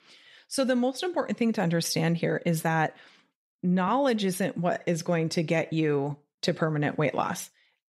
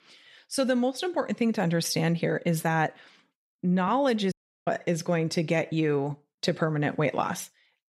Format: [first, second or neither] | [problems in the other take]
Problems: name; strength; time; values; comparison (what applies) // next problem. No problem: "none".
first | audio cutting out; at 4.5 s